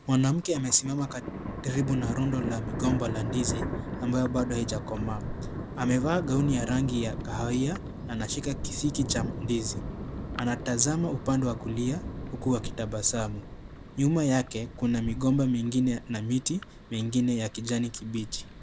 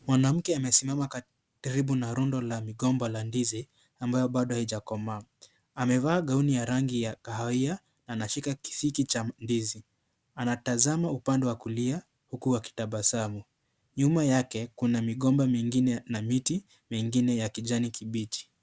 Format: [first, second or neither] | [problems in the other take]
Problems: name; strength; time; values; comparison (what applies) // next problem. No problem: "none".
second | background sound (Thunder); 7 dB below the speech